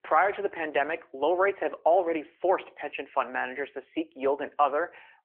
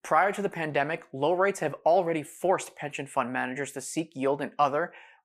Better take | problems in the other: second | phone-call audio

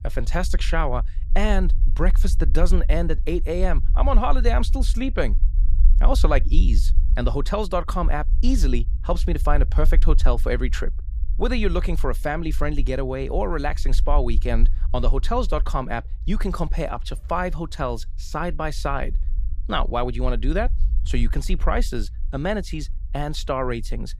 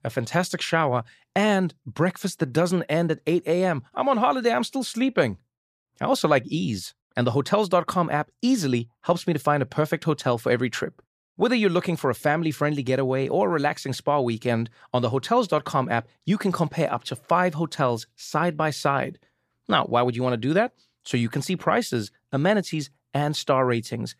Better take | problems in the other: second | low rumble; faint; throughout; 20 dB below the speech

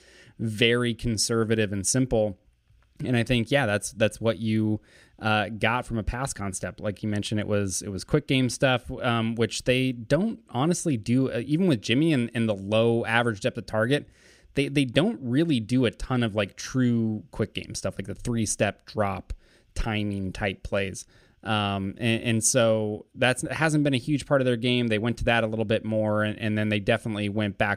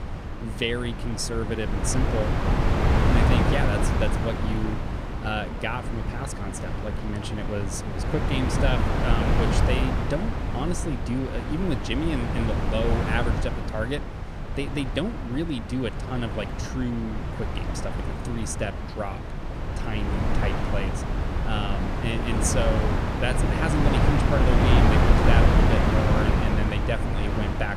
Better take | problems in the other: first | wind noise on the microphone; heavy; 1 dB above the speech

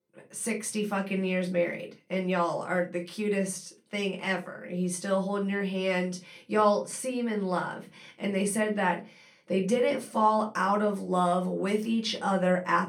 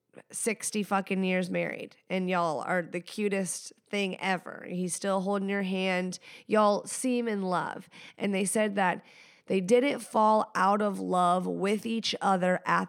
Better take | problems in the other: second | off-mic speech; far // room echo; very slight; dies away in 0.2 s

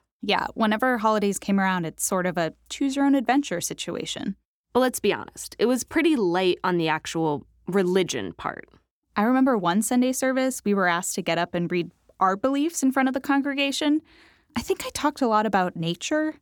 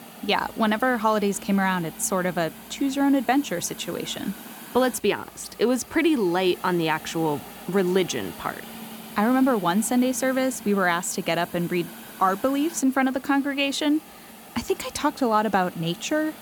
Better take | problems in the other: first | hiss; noticeable; throughout; 15 dB below the speech

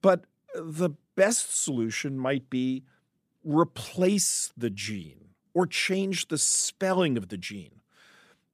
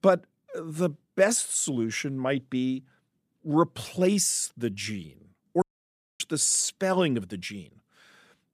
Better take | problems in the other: first | audio cutting out; at 5.5 s for 0.5 s

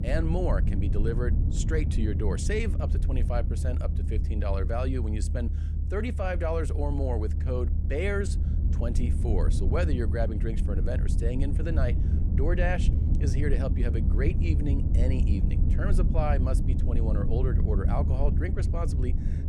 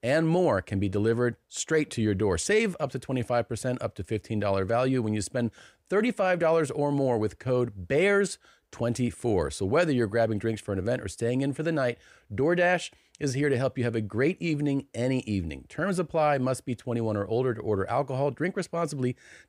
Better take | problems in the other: second | low rumble; loud; throughout; 7 dB below the speech

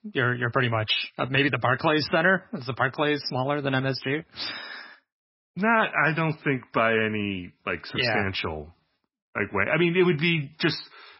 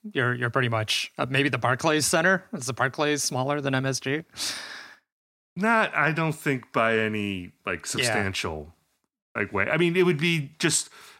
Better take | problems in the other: second | garbled, watery; badly; nothing above 5.5 kHz

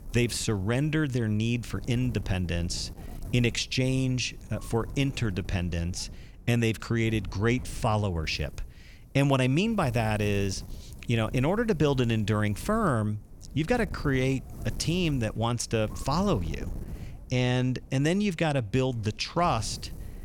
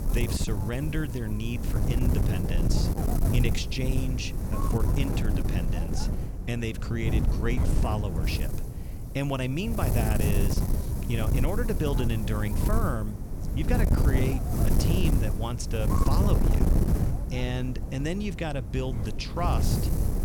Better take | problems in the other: first | wind noise on the microphone; heavy; 3 dB below the speech; occasional gusts in the first

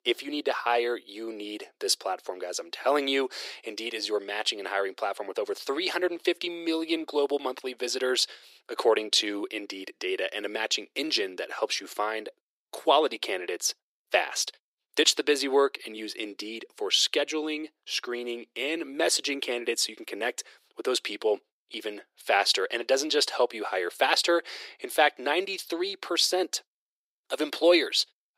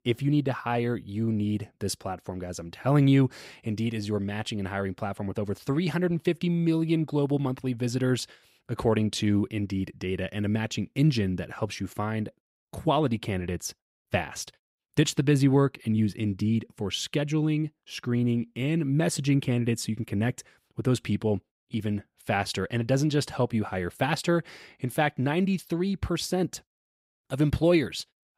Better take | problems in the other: second | thin; very; fading below 350 Hz

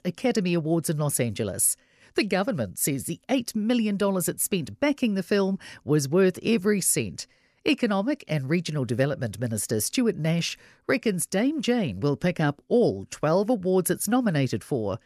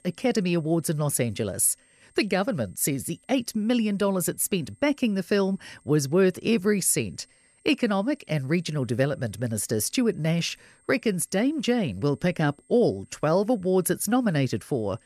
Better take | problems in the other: first | high-pitched whine; faint; throughout; 8.5 kHz, 35 dB below the speech

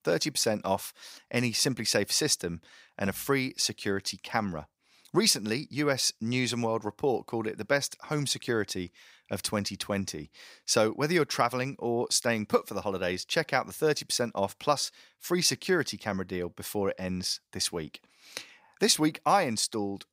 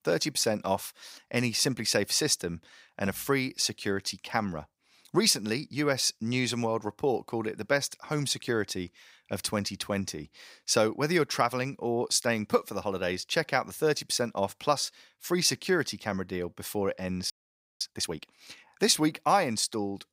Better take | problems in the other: first | audio freezing; at 17 s for 0.5 s

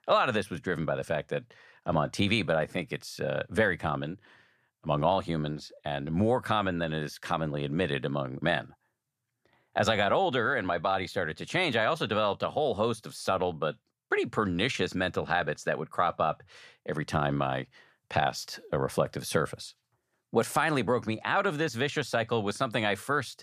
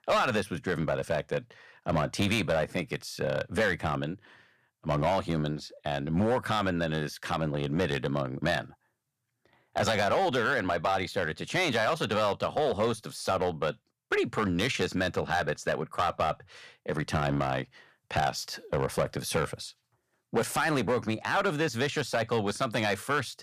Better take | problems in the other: first | distortion; slight; 5% of the sound clipped

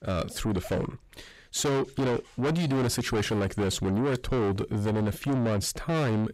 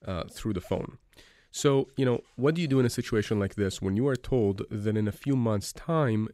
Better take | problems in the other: second | distortion; heavy; 6 dB below the speech

